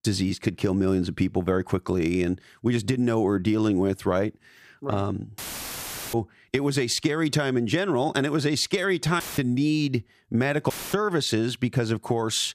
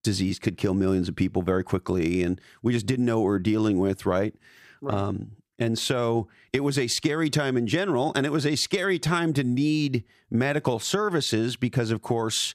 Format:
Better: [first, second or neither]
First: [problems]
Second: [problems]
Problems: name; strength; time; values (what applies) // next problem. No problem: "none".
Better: second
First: audio cutting out; filled with static; at 5.5 s for 1 s, at 9 s and at 11 s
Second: none